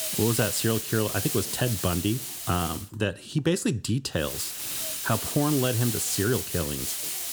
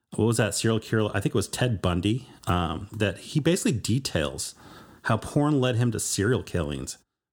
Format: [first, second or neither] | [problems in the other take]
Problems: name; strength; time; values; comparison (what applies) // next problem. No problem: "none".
second | hiss; loud; until 3 s and from 4 s on; 2 dB below the speech